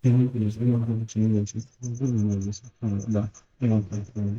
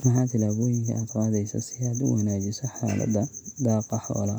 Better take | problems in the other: second | noise reduction (neural mask model DeepFilterNet 3)

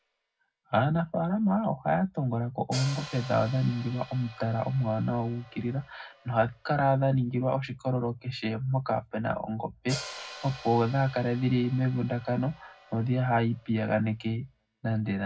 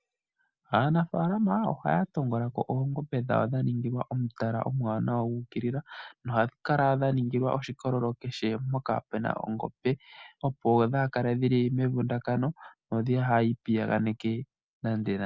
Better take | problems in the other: second | background sound (Hi-hat); 19 dB below the speech // room echo; dies away in 0.3 s

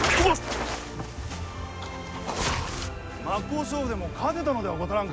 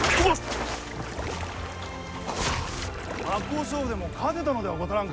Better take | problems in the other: first | background sound (Splash, splatter); 12 dB below the speech

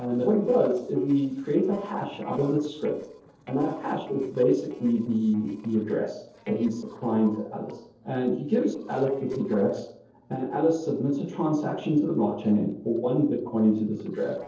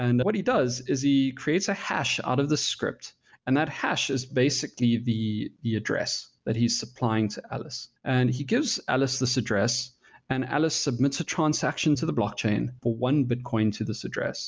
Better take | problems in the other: second | noise reduction (neural separator model SepFormer DNS4)

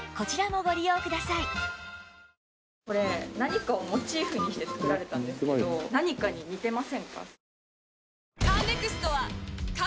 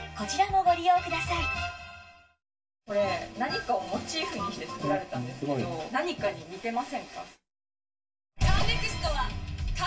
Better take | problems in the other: first | room echo; dies away in 0.2 s

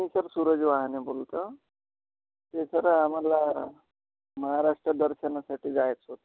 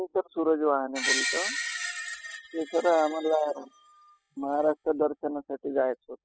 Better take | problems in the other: first | noise reduction (classical method spectral subtraction)

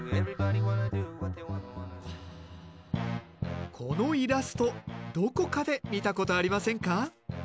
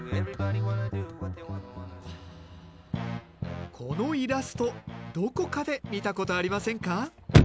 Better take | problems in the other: first | background sound (Chirp, tweet / Slam / Car); 1 dB below the speech

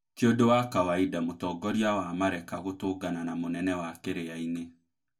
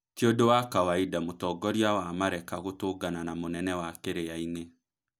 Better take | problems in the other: second | room echo; dies away in 0.1 s

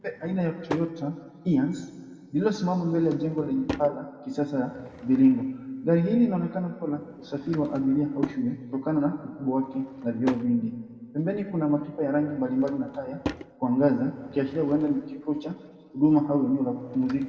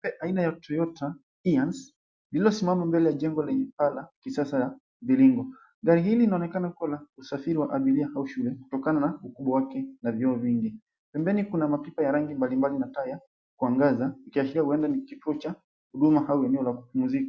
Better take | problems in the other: second | background sound (Drawer open or close / Wood); 16 dB below the speech // room echo; dies away in 1.8 s

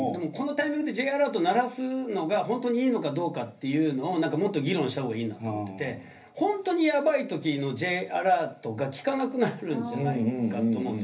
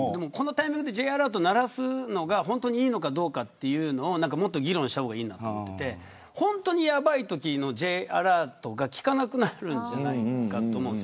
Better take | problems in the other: second | room echo; dies away in 0.3 s

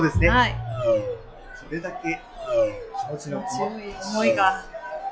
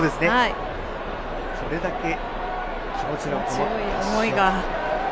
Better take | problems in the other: second | noise reduction (classical method log-MMSE)

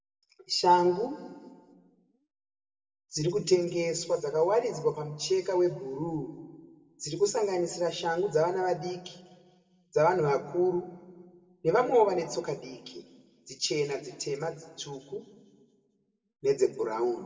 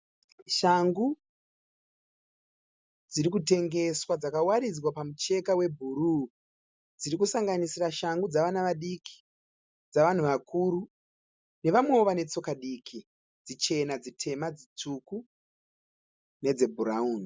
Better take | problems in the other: second | room echo; dies away in 1.2 s

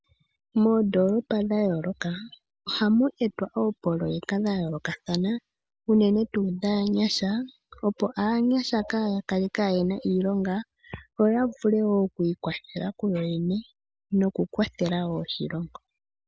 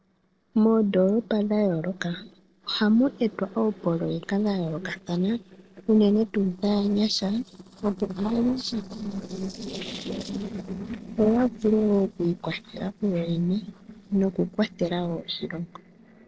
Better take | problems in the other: first | noise reduction (neural separator model SepFormer DNS4)

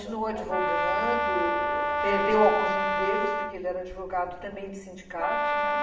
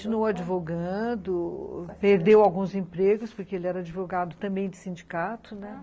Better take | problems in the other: second | background sound (Brass instrument); 2 dB above the speech // room echo; dies away in 0.8 s

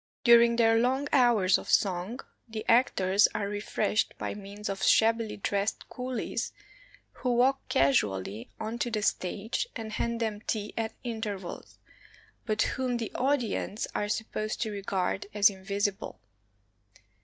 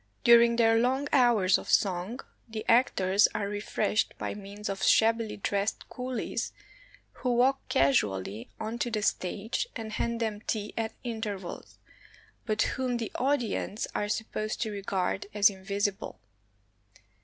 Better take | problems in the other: second | noise reduction (neural mask model DeepFilterNet 3)

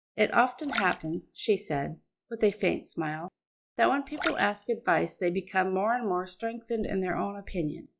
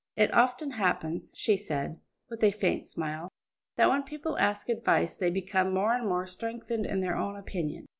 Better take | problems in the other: second | noise reduction (classical method log-MMSE)

